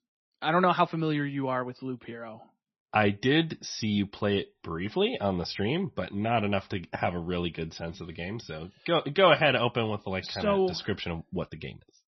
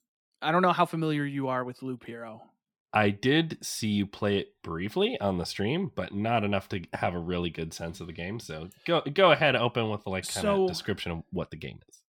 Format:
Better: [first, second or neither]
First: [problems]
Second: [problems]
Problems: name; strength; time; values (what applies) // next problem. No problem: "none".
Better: second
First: garbled, watery; slightly; nothing above 6 kHz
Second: none